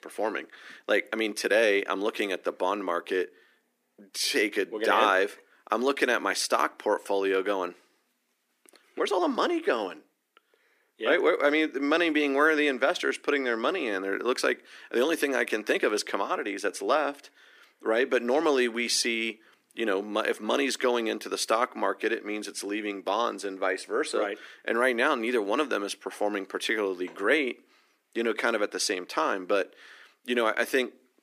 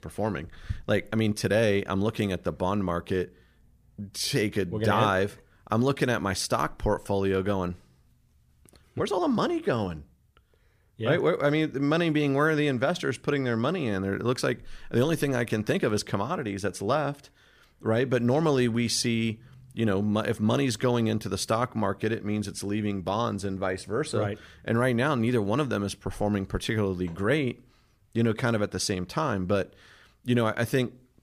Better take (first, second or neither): second